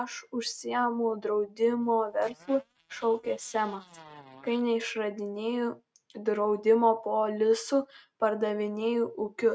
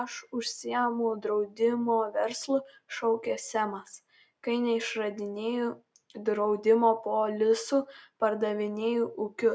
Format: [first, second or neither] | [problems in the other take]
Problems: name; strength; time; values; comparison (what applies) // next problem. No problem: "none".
second | noise reduction (neural mask model RNNoise)